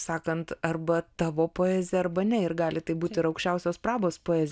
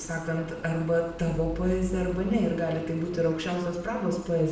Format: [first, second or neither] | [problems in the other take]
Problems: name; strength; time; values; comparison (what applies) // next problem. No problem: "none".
first | background sound (Stream); 13 dB below the speech // room echo; dies away in 0.7 s